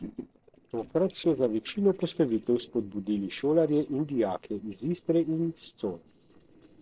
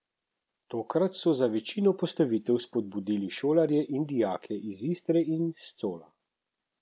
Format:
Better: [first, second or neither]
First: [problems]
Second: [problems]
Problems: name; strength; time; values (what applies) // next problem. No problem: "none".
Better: second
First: noise reduction (neural separator model SepFormer DNS4)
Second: none